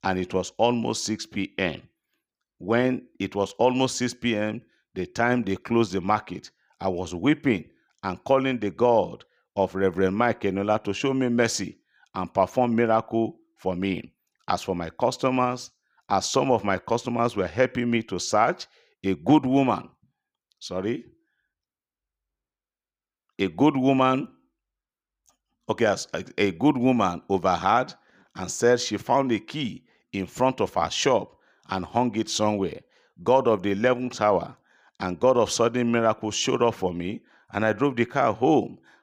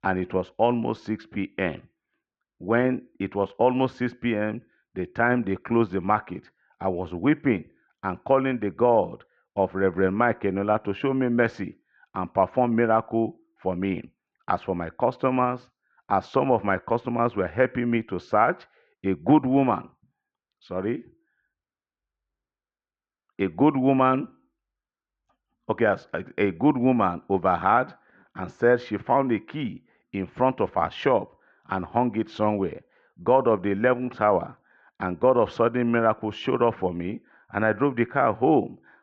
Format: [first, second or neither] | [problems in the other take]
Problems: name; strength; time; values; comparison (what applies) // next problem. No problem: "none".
first | muffled; very; fading above 2 kHz